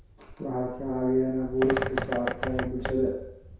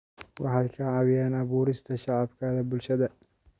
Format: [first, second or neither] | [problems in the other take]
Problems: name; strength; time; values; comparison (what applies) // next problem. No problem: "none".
second | background sound (Bird); 6 dB below the speech // room echo; dies away in 0.7 s